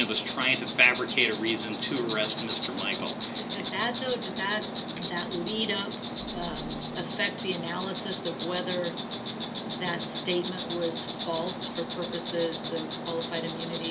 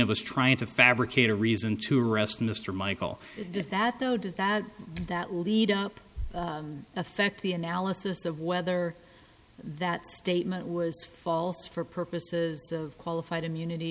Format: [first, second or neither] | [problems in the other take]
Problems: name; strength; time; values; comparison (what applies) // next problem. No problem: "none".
second | background sound (Insect); 3 dB below the speech // room echo; dies away in 0.2 s